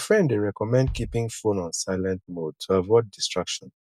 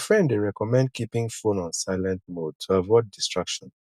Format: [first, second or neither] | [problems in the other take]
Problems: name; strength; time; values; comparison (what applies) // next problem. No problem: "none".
second | background sound (Bass drum); 14 dB below the speech